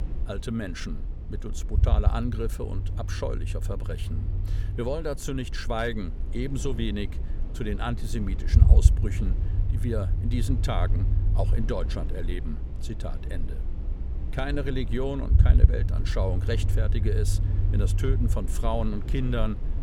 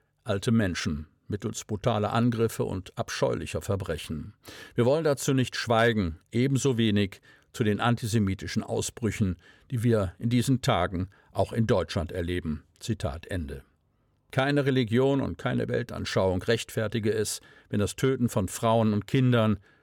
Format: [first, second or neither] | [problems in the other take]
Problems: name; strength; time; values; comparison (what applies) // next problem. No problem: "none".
second | low rumble; loud; throughout; 9 dB below the speech